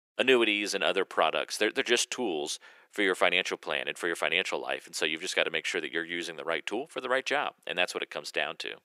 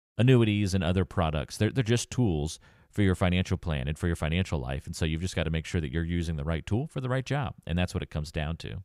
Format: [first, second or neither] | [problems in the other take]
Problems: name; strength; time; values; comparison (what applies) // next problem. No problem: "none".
second | thin; very; fading below 350 Hz